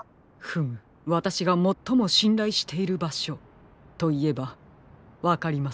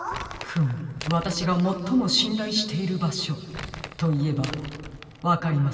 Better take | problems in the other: first | background sound (Crumpling, crinkling); 14 dB below the speech // room echo; dies away in 2.4 s

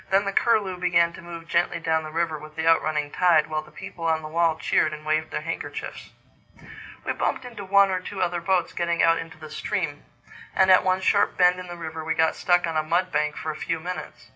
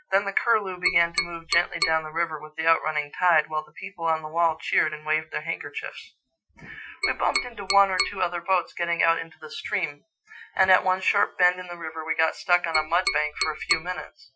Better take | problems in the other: first | noise reduction (classical method Wiener filter)

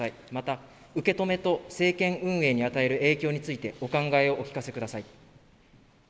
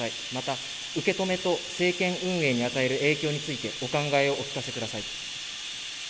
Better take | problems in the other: first | background sound (Bathtub (filling or washing)); 7 dB below the speech

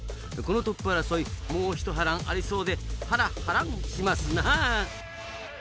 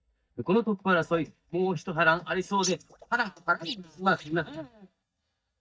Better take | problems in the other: first | noise reduction (neural mask model DeepFilterNet 3)

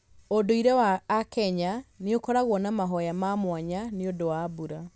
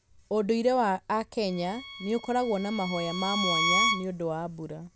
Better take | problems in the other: first | background sound (Bowed string instrument); 2 dB below the speech

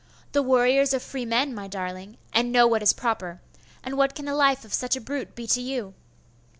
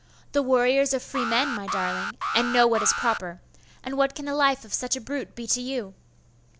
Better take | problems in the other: first | background sound (Alarm); 5 dB below the speech

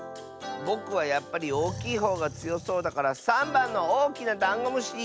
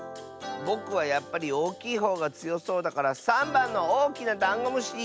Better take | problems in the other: second | background sound (Animal); 14 dB below the speech

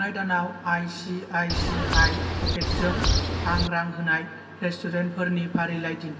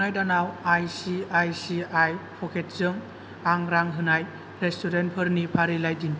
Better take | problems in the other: second | background sound (Bird); 4 dB above the speech // room echo; dies away in 1.7 s

